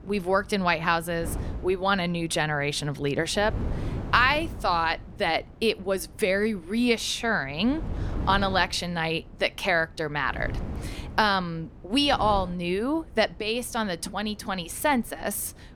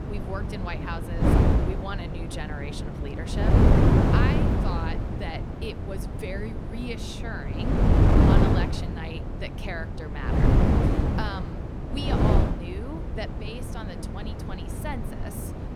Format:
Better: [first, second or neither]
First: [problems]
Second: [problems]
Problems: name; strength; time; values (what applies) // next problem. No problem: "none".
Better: first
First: wind noise on the microphone; occasional gusts; 20 dB below the speech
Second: wind noise on the microphone; heavy; 4 dB above the speech